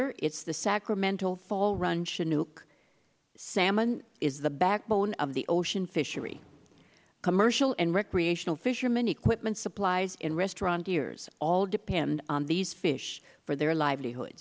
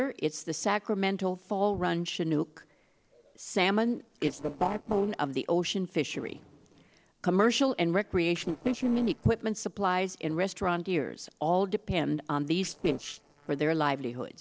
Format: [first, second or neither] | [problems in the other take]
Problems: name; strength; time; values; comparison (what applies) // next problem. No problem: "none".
first | noise reduction (neural separator model SepFormer DNS4)